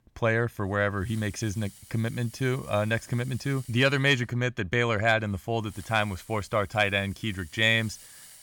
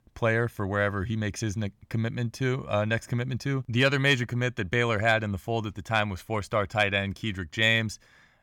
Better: second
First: hiss; faint; throughout; 20 dB below the speech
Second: none

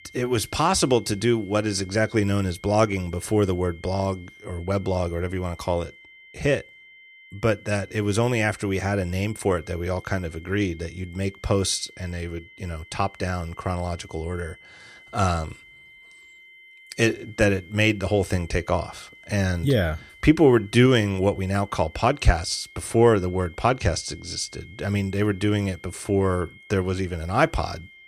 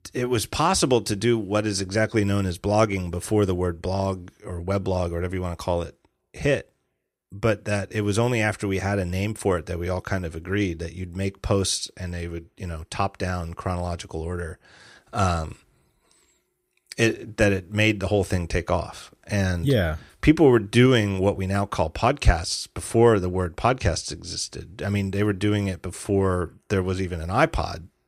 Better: second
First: high-pitched whine; faint; throughout; 2 kHz, 25 dB below the speech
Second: none

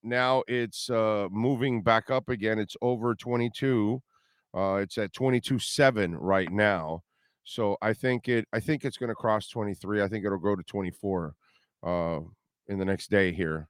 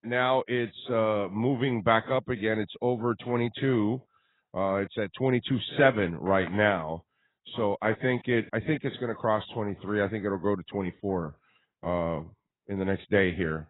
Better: first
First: none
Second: garbled, watery; badly; nothing above 4 kHz

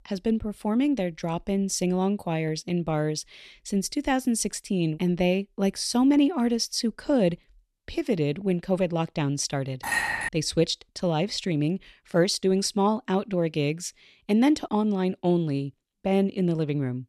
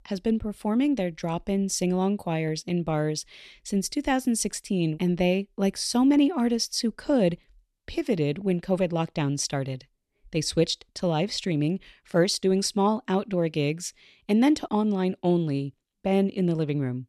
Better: second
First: clattering dishes; loud; at 10 s; peak 1 dB above the speech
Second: none

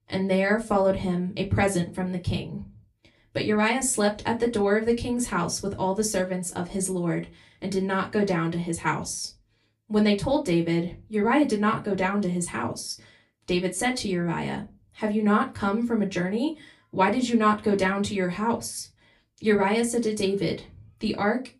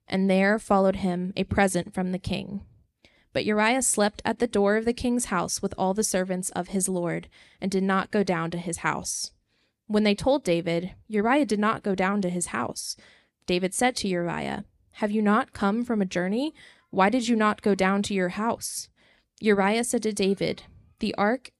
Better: second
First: off-mic speech; far // room echo; very slight; dies away in 0.2 s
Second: none

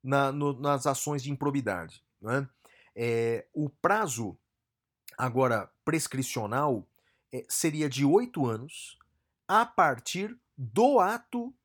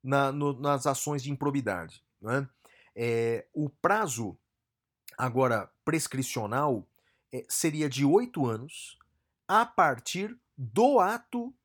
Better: neither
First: none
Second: none

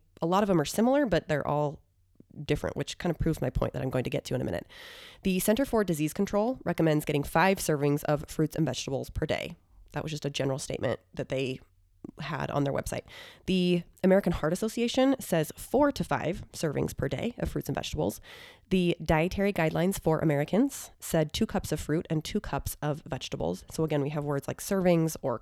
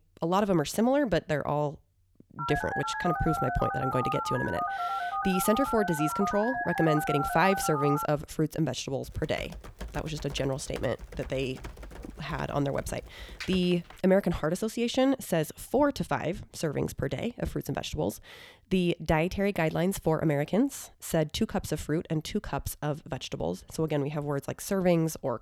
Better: first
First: none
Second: phone ringing; noticeable; from 2.5 to 8 s; peak 2 dB below the speech // keyboard typing; faint; from 9 to 14 s; peak 10 dB below the speech

